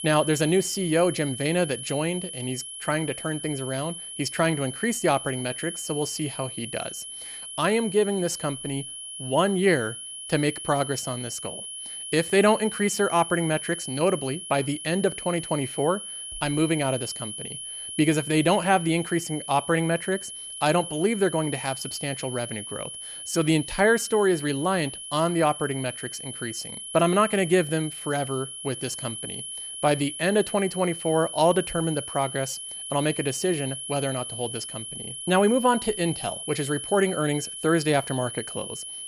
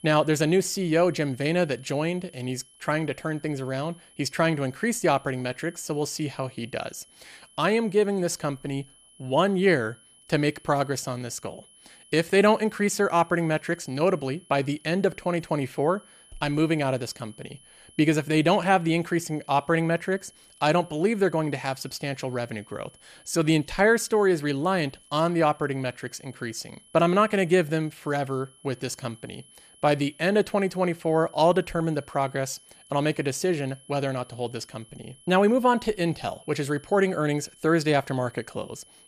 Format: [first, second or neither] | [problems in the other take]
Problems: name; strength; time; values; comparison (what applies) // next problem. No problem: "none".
second | high-pitched whine; loud; throughout; 3 kHz, 8 dB below the speech; faint in the second